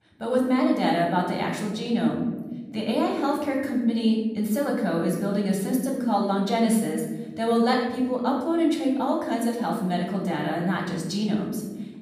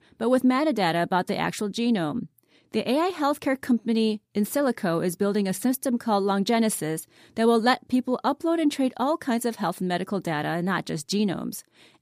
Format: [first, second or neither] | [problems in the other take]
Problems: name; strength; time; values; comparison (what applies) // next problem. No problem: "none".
second | off-mic speech; far // room echo; noticeable; dies away in 1.3 s